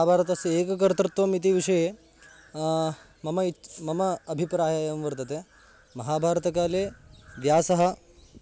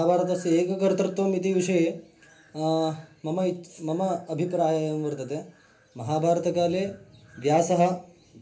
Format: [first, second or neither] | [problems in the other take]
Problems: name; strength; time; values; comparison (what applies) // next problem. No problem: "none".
first | room echo; dies away in 0.3 s